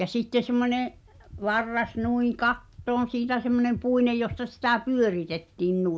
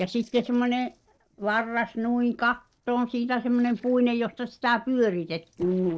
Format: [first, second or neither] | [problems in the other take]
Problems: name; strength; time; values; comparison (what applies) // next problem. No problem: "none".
first | noise reduction (neural separator model SepFormer DNS4)